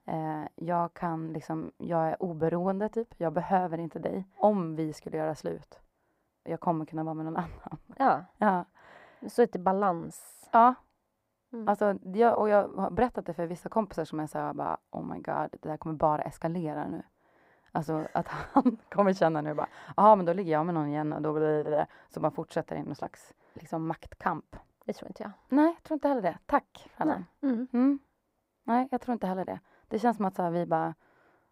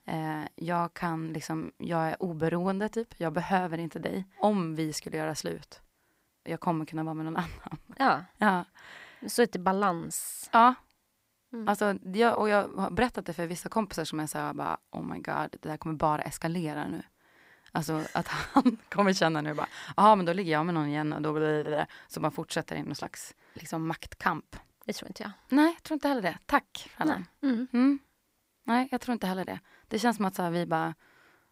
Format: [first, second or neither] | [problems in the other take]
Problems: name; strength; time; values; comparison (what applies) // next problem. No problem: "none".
second | muffled; slightly; fading above 1.5 kHz